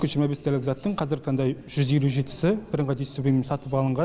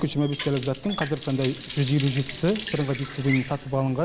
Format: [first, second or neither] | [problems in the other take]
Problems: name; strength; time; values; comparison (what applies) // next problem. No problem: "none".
first | background sound (Water tap, faucet); 12 dB below the speech